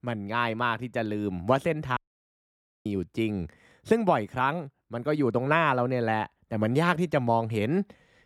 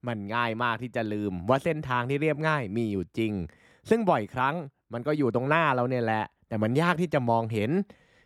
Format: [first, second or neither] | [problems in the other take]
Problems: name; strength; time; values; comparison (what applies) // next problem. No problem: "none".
second | audio cutting out; at 2 s for 1 s